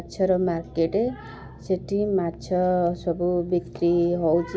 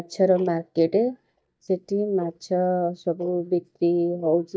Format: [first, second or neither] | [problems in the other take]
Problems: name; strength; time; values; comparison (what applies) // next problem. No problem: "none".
first | noise reduction (neural mask model DeepFilterNet 3)